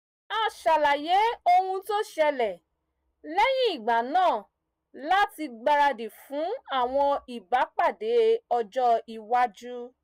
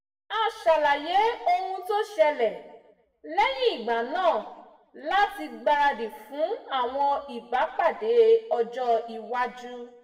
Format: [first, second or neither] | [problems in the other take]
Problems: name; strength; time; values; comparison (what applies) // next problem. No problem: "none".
first | room echo; dies away in 0.8 s